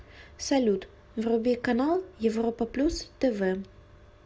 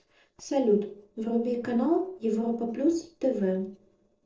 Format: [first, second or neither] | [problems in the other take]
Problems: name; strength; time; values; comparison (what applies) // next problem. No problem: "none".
first | noise reduction (neural separator model SepFormer DNS4)